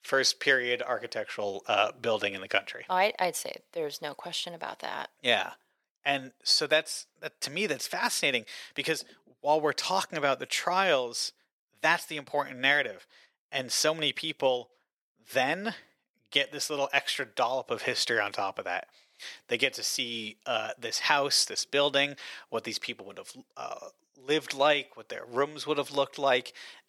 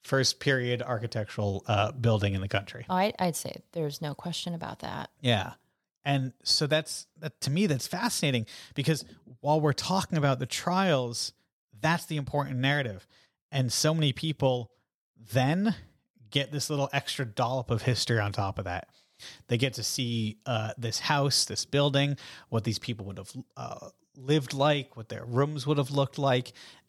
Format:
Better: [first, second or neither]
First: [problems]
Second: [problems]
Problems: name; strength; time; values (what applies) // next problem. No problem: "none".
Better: second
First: thin; very; fading below 450 Hz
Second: none